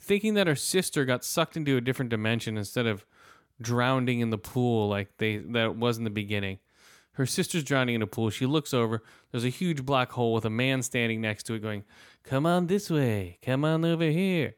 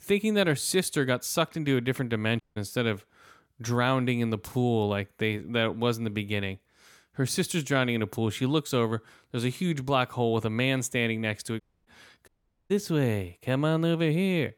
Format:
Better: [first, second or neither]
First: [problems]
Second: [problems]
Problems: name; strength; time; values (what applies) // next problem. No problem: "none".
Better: first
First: none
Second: audio cutting out; at 2.5 s and at 12 s